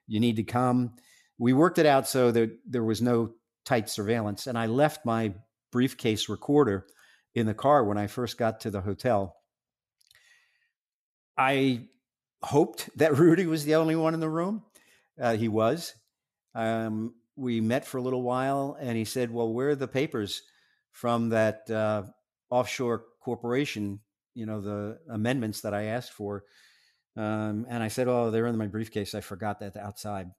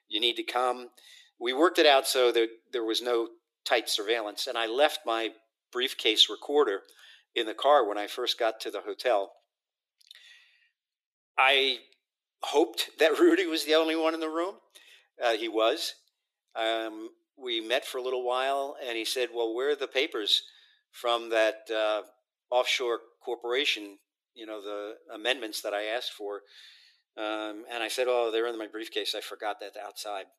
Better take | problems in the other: first | thin; very; fading below 350 Hz

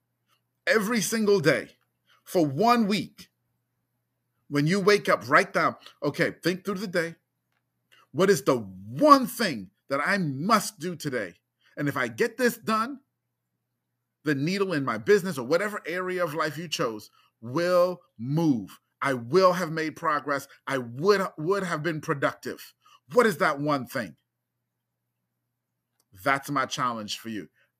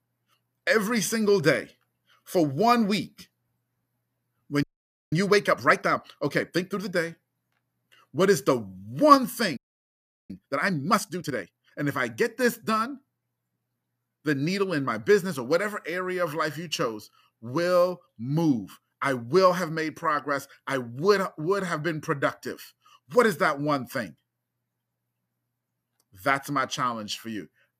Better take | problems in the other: first | audio freezing; at 4.5 s and at 9.5 s for 0.5 s

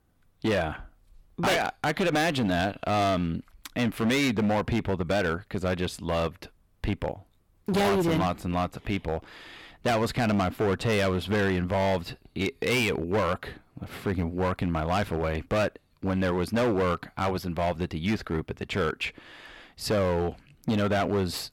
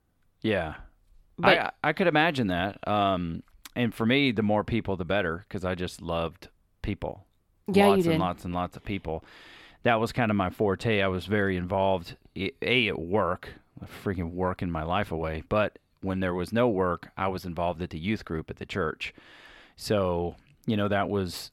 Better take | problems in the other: second | distortion; heavy; 12% of the sound clipped

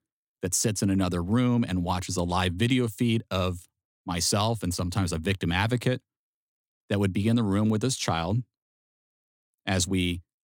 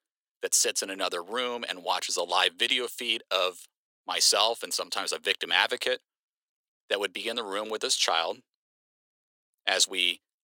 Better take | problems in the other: first | thin; very; fading below 450 Hz

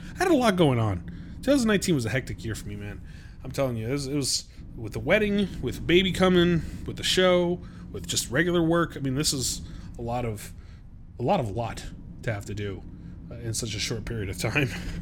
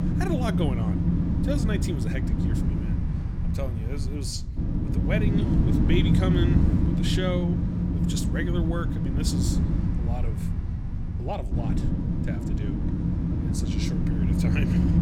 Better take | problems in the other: first | wind noise on the microphone; heavy; as loud as the speech; occasional gusts in the first

